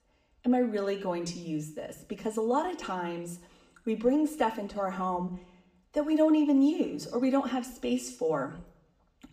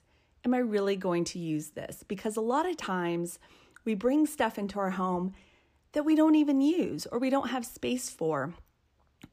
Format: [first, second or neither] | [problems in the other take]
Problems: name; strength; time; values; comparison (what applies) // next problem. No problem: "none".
second | room echo; slight; dies away in 0.5 s // off-mic speech; somewhat distant